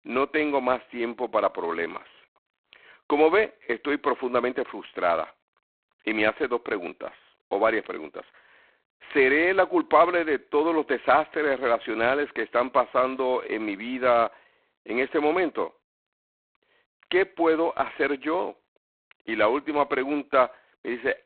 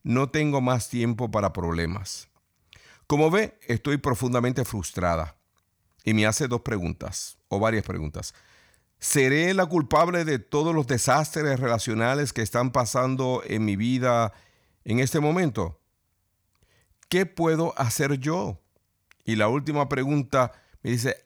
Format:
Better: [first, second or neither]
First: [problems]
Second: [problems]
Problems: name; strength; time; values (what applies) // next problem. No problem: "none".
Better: second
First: phone-call audio; poor line; nothing above 4 kHz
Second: none